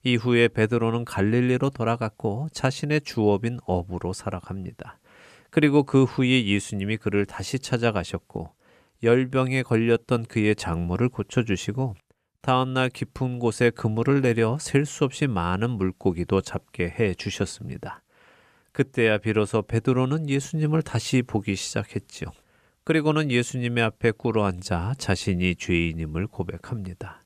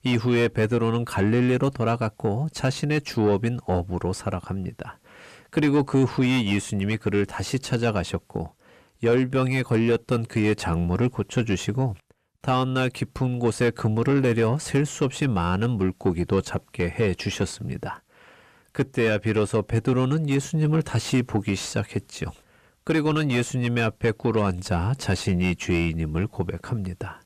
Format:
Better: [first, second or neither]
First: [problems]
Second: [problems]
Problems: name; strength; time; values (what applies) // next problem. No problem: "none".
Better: first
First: none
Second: distortion; slight; 10 dB below the speech